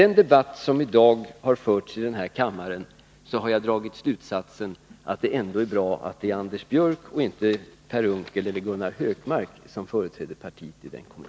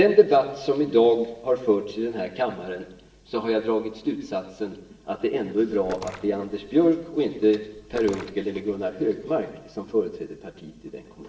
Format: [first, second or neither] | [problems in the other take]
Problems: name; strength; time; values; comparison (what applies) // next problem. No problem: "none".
first | background sound (Splash, splatter); 20 dB below the speech // room echo; dies away in 0.9 s